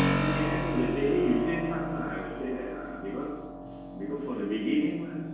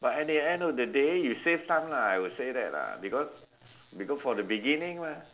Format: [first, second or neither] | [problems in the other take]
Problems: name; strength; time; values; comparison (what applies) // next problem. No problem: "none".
second | background sound (Keyboard (musical)); 3 dB below the speech // room echo; dies away in 1.2 s